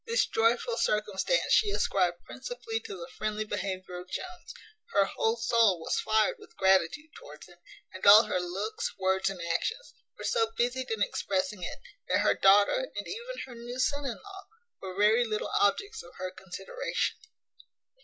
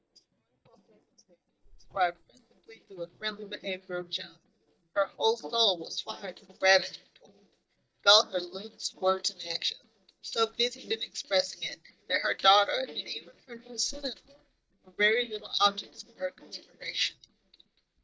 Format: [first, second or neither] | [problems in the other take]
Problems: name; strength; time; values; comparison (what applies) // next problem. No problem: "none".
first | noise reduction (neural mask model DeepFilterNet 3)